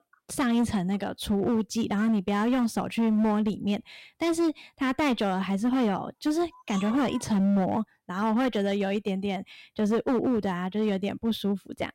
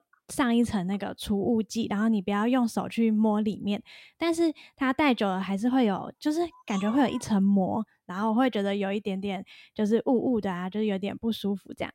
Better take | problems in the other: second | distortion; slight; 11% of the sound clipped

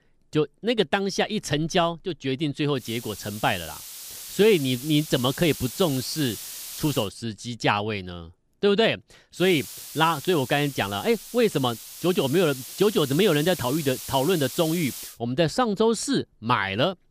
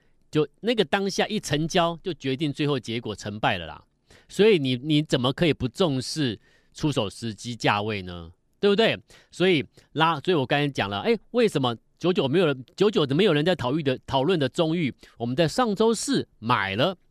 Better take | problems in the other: second | hiss; noticeable; from 3 to 7 s and from 9.5 to 15 s; 10 dB below the speech

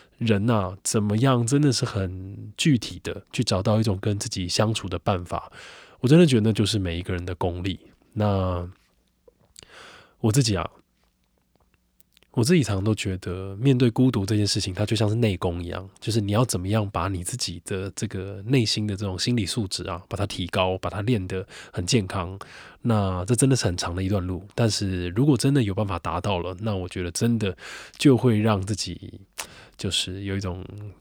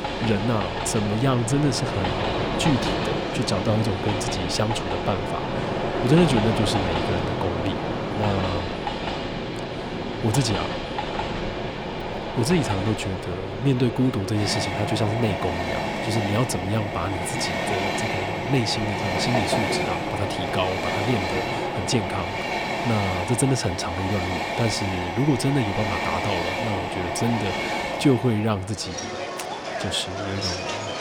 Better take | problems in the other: first | train or aircraft noise; loud; throughout; 1 dB below the speech

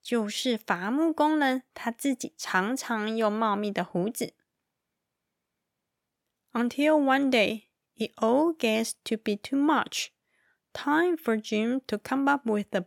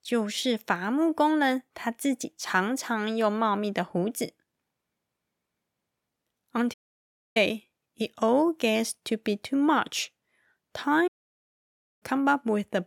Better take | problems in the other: first | audio cutting out; at 6.5 s for 0.5 s and at 11 s for 1 s

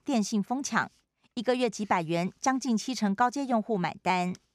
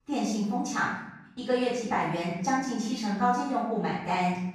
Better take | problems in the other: first | room echo; strong; dies away in 0.8 s // off-mic speech; far

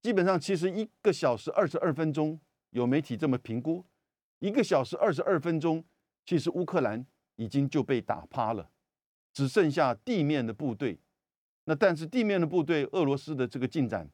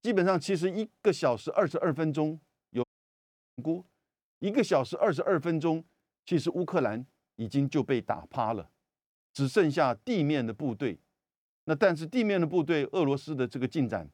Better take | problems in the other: first | audio cutting out; at 3 s for 0.5 s

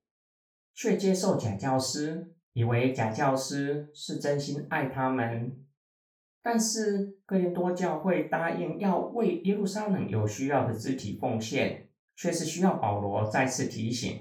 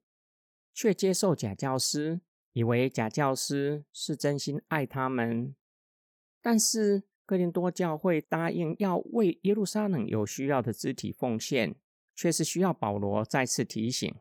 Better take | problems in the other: second | room echo; slight; dies away in 0.3 s // off-mic speech; far

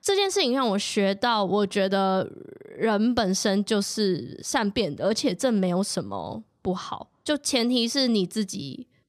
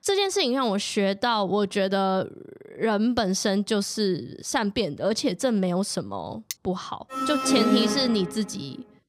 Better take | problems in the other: first | clattering dishes; very faint; at 6.5 s; peak 10 dB below the speech // alarm; loud; from 7 to 8.5 s; peak 2 dB above the speech

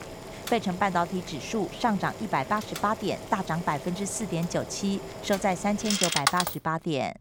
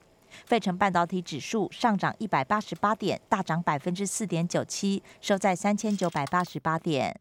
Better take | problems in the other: second | household noises; loud; throughout; 5 dB below the speech; faint in the second

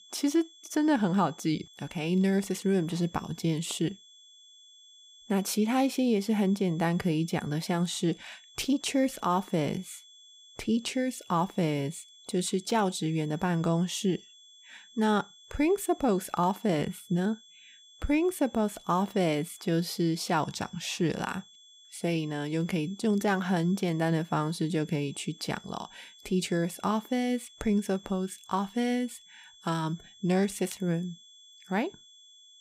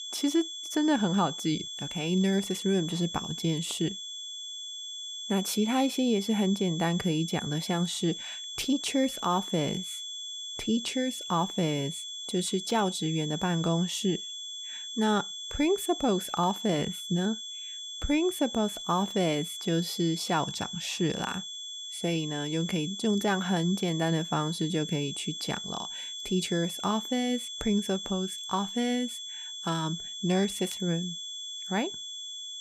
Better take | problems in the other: first | high-pitched whine; loud; throughout; 3.5 kHz, 6 dB below the speech; faint in the first

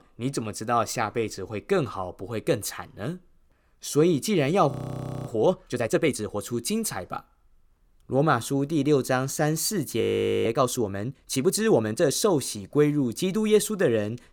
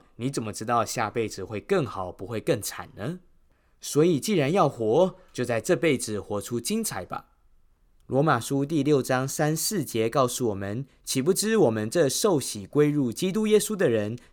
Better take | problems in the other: second | audio freezing; at 4.5 s for 0.5 s and at 10 s

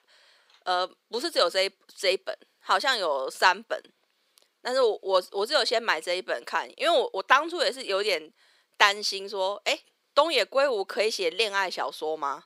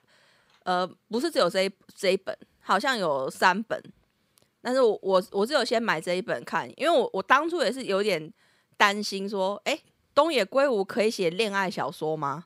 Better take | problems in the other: second | thin; somewhat; fading below 400 Hz

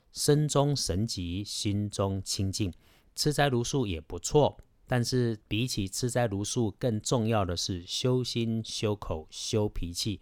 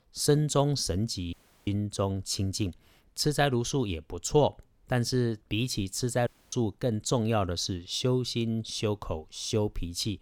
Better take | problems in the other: first | audio cutting out; at 1.5 s and at 6.5 s

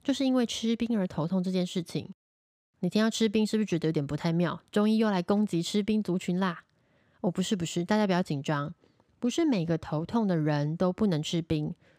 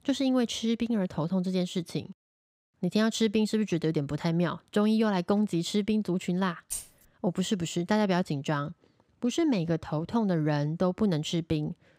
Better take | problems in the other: first | jangling keys; noticeable; at 6.5 s; peak 8 dB below the speech

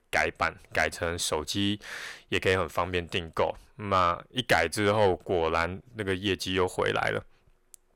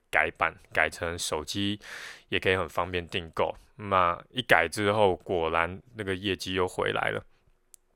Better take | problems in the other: second | distortion; slight; 10 dB below the speech

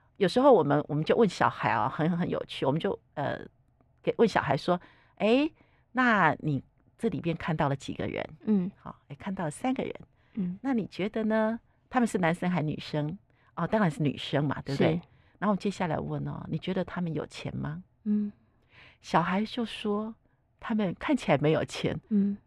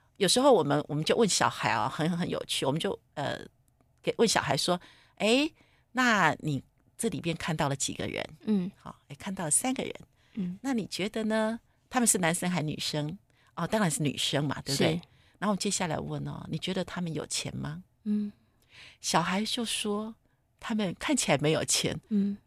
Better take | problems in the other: second | muffled; very; fading above 4 kHz

